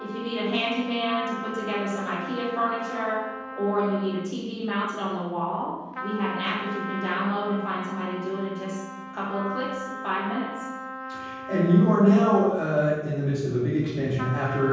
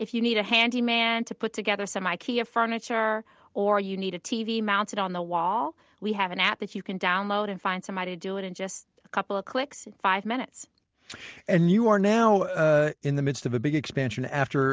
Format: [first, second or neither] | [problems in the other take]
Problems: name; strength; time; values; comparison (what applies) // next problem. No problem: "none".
second | background sound (Trumpet); 11 dB below the speech // room echo; dies away in 1.3 s